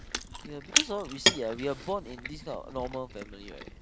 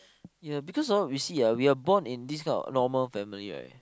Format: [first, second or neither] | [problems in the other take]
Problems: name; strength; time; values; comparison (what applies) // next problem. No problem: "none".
second | background sound (Chewing, mastication); 4 dB above the speech